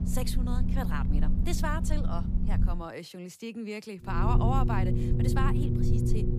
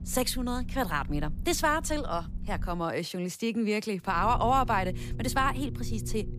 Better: second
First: low rumble; loud; until 2.5 s and from 4 s on; 3 dB below the speech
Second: low rumble; faint; until 2.5 s and from 4 s on; 20 dB below the speech

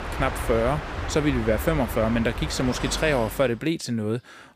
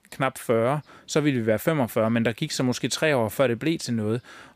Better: second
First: train or aircraft noise; loud; until 3.5 s; 7 dB below the speech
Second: none

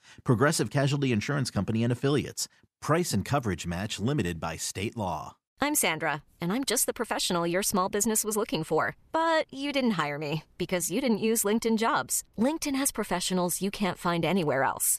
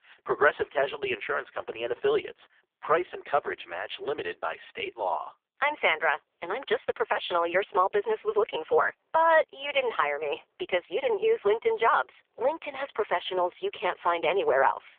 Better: first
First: none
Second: phone-call audio; poor line

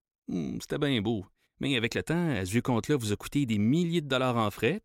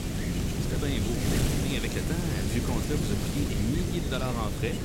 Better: first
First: none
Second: wind noise on the microphone; heavy; 1 dB above the speech

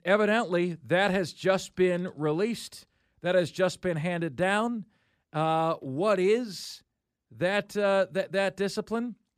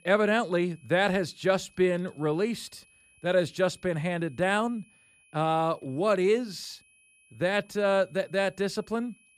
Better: first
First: none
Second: high-pitched whine; faint; throughout; 2.5 kHz, 30 dB below the speech

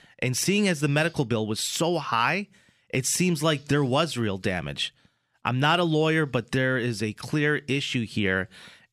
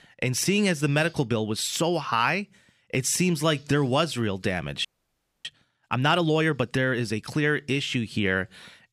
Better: first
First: none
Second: audio freezing; at 5 s for 0.5 s

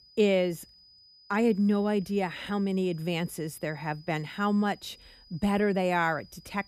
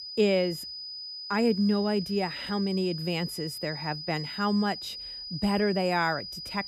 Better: first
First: high-pitched whine; faint; throughout; 5 kHz, 25 dB below the speech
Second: high-pitched whine; loud; throughout; 5 kHz, 8 dB below the speech

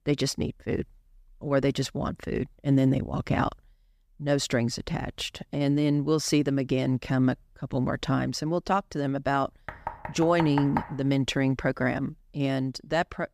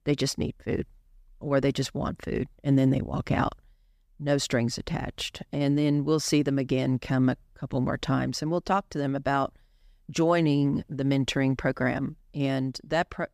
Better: second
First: door banging; noticeable; from 9.5 to 11 s; peak 6 dB below the speech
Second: none

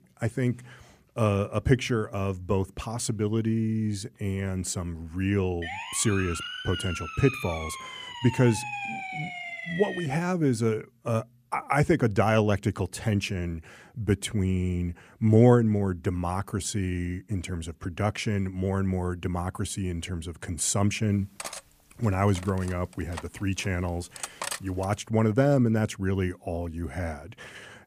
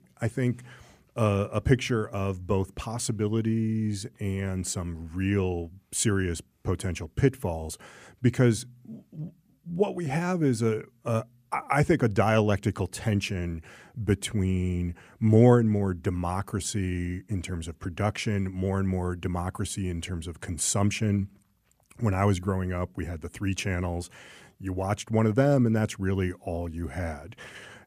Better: second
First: siren; noticeable; from 5.5 to 10 s; peak 5 dB below the speech // clattering dishes; noticeable; from 21 to 25 s; peak 5 dB below the speech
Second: none

